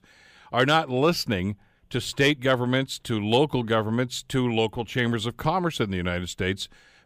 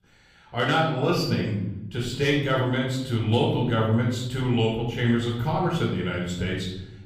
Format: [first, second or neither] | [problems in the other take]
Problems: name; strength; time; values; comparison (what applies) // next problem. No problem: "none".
first | off-mic speech; far // room echo; noticeable; dies away in 1.2 s